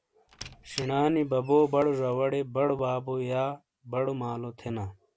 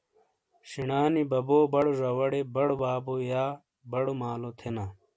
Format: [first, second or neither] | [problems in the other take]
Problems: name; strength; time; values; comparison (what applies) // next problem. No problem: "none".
second | background sound (Squeak); 19 dB below the speech